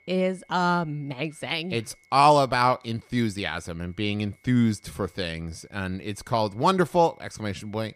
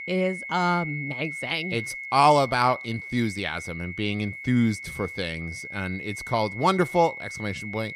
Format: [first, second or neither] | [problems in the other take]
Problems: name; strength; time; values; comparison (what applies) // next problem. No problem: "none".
first | high-pitched whine; loud; throughout; 2 kHz, 9 dB below the speech; faint in the first